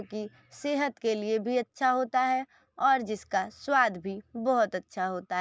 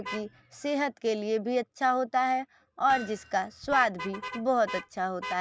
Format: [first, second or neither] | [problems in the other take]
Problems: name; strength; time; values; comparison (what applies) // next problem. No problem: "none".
first | background sound (Vehicle horn, car horn, honking + Hammer); 14 dB below the speech